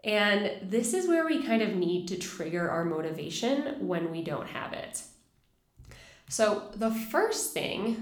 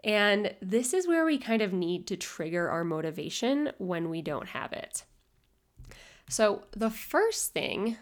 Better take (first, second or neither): second